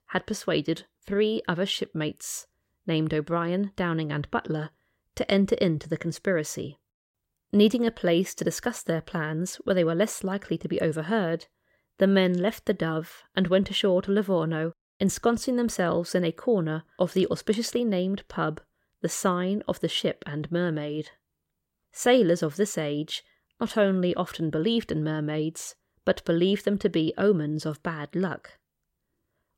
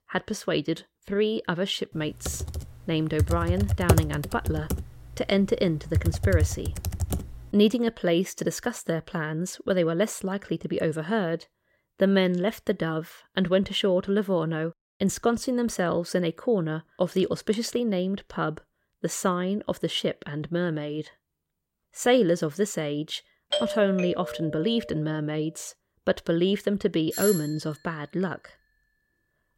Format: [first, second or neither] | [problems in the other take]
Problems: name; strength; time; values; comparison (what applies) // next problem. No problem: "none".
first | keyboard typing; loud; from 2.5 to 7 s; peak 4 dB above the speech // doorbell; noticeable; from 24 to 25 s and at 27 s; peak 1 dB below the speech